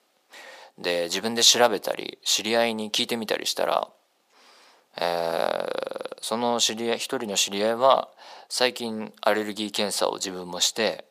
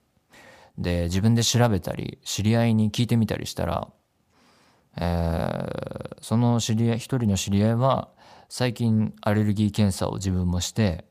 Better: second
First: thin; very; fading below 400 Hz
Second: none

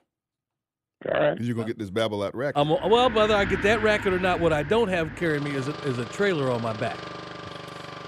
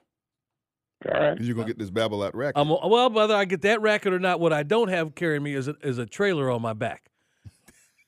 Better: second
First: traffic noise; very faint; from 3 s on; 10 dB below the speech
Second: none

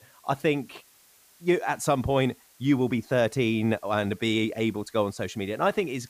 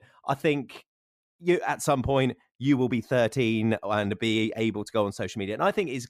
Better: second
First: hiss; faint; throughout; 30 dB below the speech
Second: none

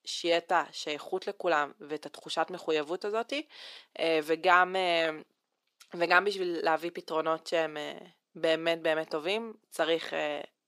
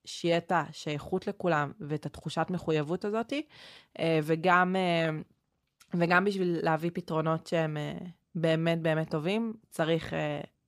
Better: second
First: thin; very; fading below 350 Hz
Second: none

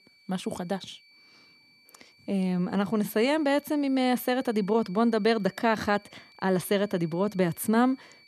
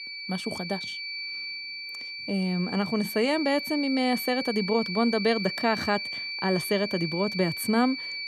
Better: first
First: high-pitched whine; faint; throughout; 2.5 kHz, 30 dB below the speech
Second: high-pitched whine; loud; throughout; 2.5 kHz, 5 dB below the speech

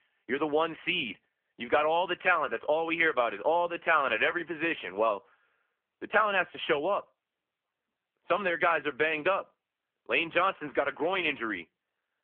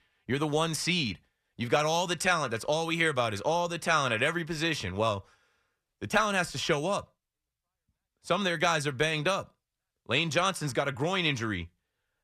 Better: second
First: phone-call audio; nothing above 3 kHz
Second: none

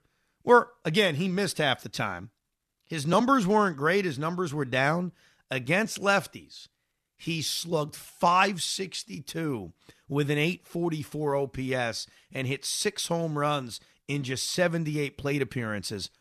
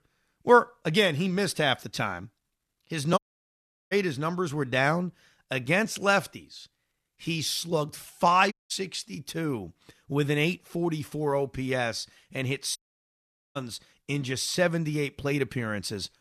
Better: first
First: none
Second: audio cutting out; at 3 s for 0.5 s, at 8.5 s and at 13 s for 1 s

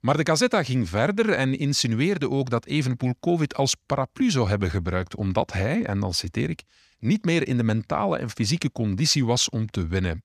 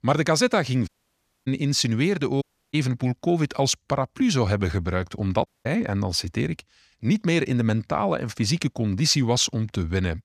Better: first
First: none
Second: audio cutting out; at 1 s for 0.5 s, at 2.5 s and at 5.5 s

